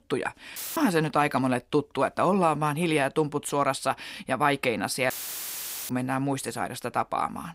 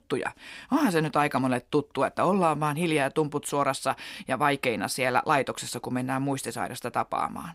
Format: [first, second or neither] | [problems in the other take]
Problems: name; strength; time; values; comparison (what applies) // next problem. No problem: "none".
second | audio cutting out; filled with static; at 0.5 s and at 5 s for 1 s